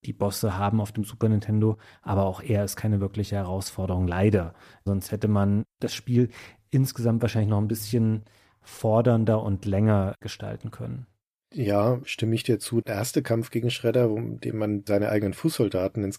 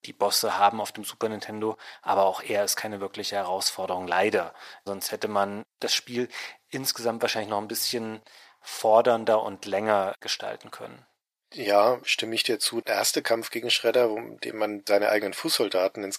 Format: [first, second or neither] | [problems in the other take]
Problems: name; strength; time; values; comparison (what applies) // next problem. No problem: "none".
first | thin; very; fading below 550 Hz